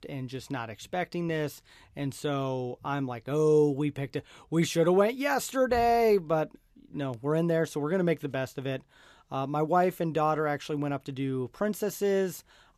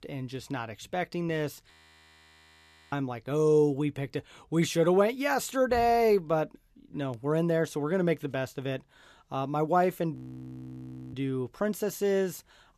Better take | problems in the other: first | audio freezing; at 1.5 s for 1 s and at 10 s for 1 s

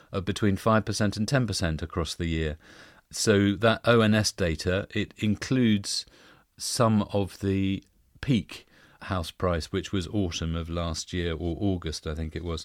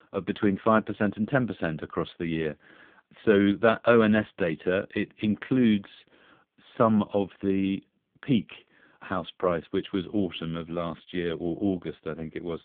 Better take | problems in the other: first | phone-call audio; poor line

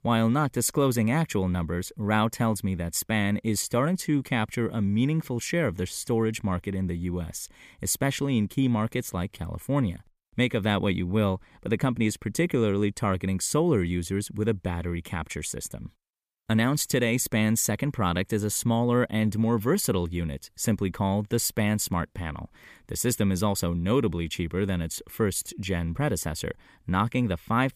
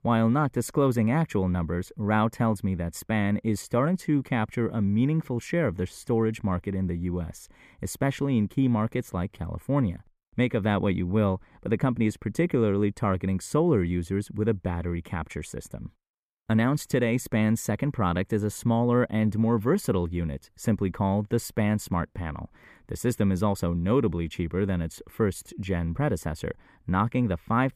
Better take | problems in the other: first | muffled; slightly; fading above 2.5 kHz

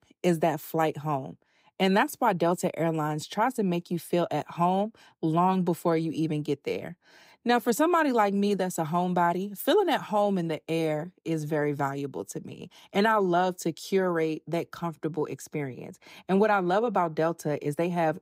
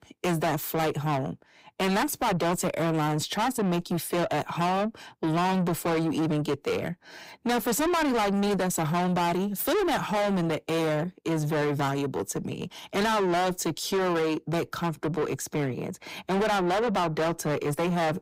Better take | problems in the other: first | distortion; heavy; 6 dB below the speech

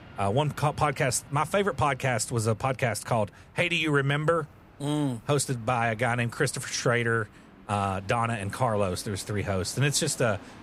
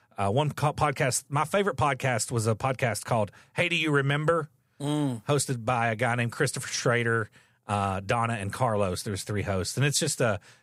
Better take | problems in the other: second | train or aircraft noise; faint; throughout; 25 dB below the speech

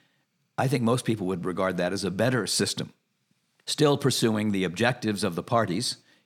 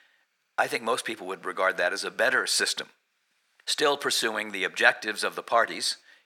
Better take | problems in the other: first | thin; very; fading below 600 Hz

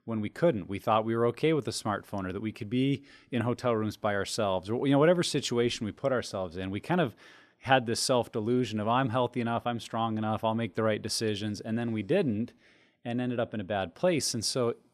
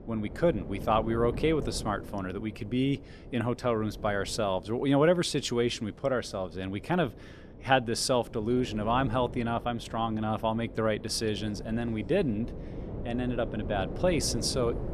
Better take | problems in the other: first | wind noise on the microphone; occasional gusts; 15 dB below the speech

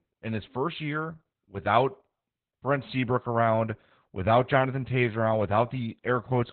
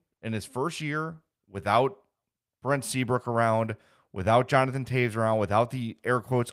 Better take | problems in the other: second | garbled, watery; badly; nothing above 4 kHz; slightly in the second

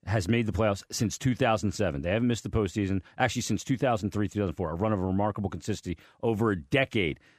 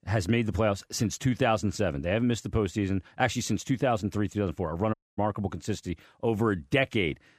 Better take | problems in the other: first | audio cutting out; at 5 s

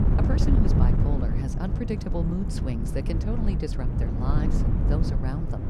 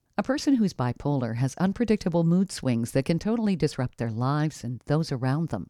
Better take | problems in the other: second | wind noise on the microphone; heavy; as loud as the speech

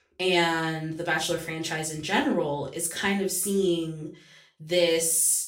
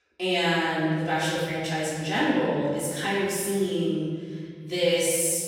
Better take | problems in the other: first | room echo; strong; dies away in 2 s; slight in the first // off-mic speech; far; far in the first

